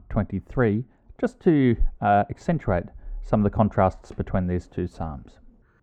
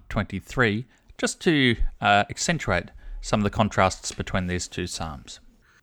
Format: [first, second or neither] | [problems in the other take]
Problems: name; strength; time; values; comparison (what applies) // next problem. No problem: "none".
second | muffled; very; fading above 2 kHz